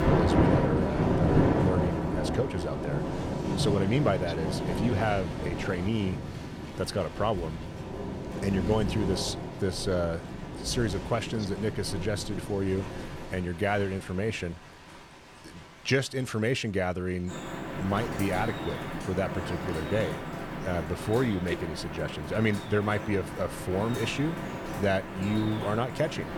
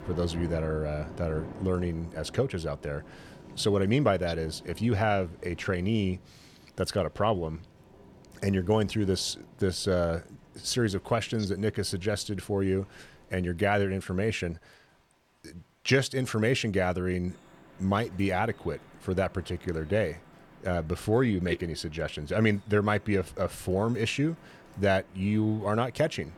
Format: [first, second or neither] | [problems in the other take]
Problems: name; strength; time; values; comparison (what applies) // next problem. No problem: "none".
second | rain or running water; loud; throughout; 2 dB below the speech; faint in the second